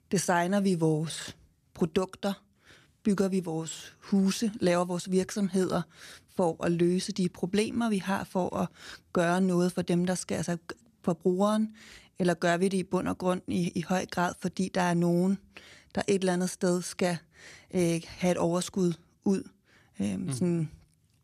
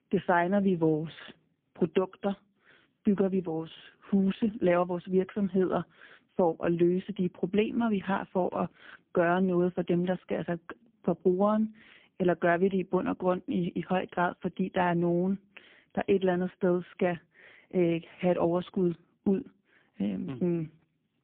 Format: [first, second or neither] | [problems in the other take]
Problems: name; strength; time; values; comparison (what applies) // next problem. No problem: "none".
first | phone-call audio; poor line